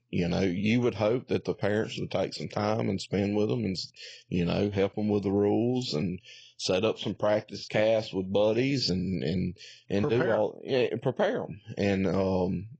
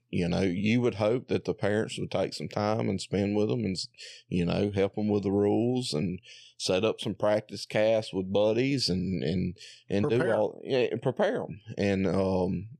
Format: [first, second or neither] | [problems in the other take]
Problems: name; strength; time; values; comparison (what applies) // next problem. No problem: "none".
second | garbled, watery; badly; nothing above 7.5 kHz